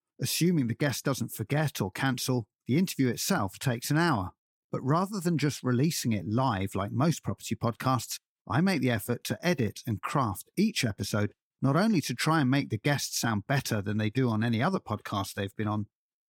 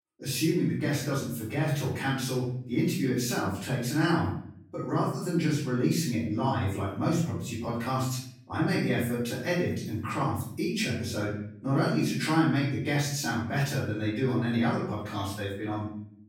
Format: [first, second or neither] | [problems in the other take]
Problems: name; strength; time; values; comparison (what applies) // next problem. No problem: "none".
first | room echo; noticeable; dies away in 0.6 s // off-mic speech; far